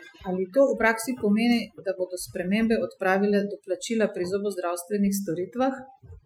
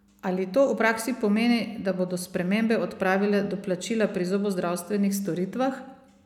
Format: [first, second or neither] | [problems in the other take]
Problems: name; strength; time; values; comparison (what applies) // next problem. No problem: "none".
second | noise reduction (classical method Wiener filter)